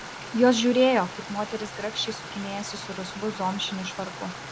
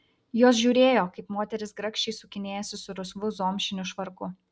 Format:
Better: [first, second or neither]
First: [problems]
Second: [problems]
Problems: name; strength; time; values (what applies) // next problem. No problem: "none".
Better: second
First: background sound (Stream); 12 dB below the speech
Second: none